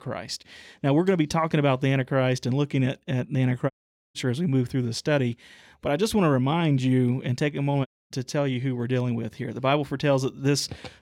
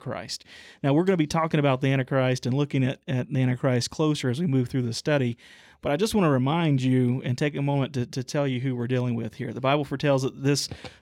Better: second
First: audio cutting out; at 3.5 s and at 8 s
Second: none

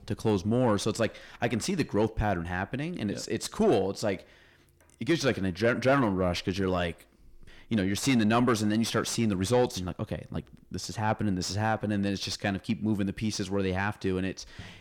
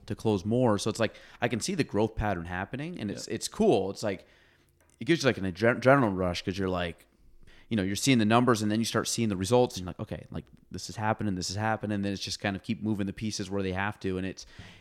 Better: second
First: distortion; slight; 10 dB below the speech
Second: none

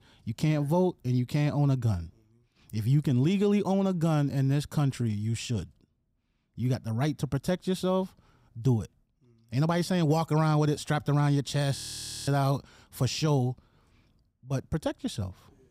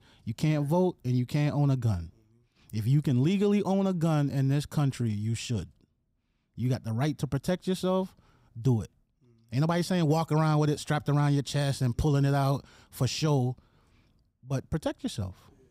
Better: second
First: audio freezing; at 12 s for 0.5 s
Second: none

